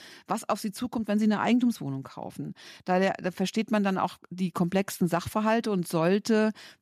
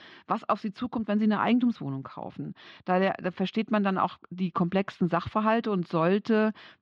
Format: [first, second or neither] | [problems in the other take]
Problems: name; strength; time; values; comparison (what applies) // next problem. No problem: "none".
first | muffled; slightly; fading above 3.5 kHz